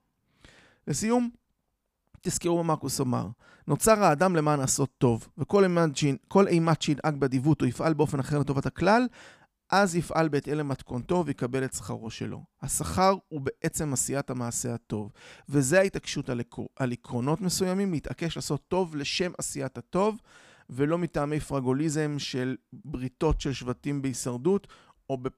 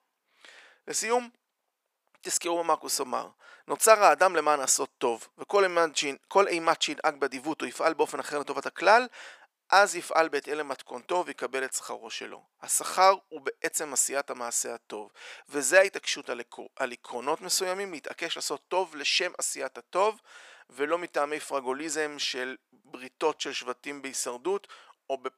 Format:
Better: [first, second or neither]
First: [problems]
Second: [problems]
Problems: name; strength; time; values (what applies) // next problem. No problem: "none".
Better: first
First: none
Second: thin; very; fading below 450 Hz